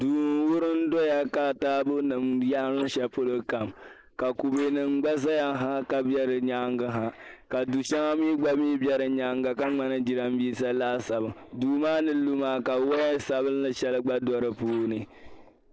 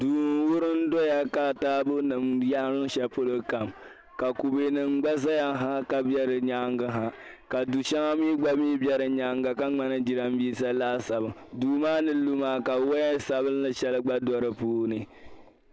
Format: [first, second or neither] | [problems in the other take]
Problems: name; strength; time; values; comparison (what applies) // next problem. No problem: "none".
second | noise reduction (neural mask model Resemble Enhance denoiser)